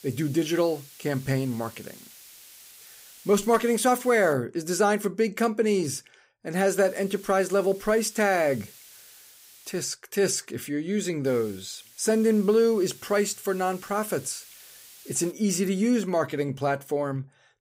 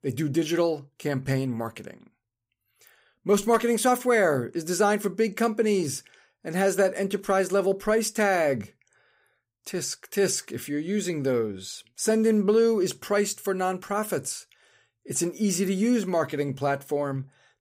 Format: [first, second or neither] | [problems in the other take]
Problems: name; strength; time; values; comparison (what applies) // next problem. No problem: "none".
second | hiss; faint; until 4.5 s, from 6.5 to 10 s and from 11 to 15 s; 20 dB below the speech